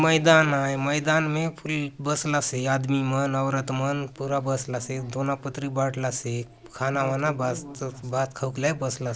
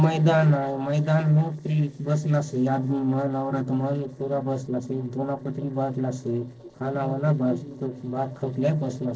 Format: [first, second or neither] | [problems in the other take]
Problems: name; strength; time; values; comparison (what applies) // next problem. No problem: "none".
first | noise reduction (neural separator model SepFormer DNS4)